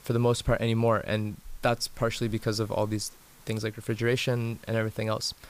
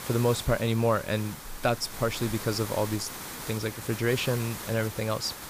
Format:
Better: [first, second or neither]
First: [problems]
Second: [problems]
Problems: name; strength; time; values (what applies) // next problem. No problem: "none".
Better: first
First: hiss; faint; throughout; 25 dB below the speech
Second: hiss; loud; throughout; 9 dB below the speech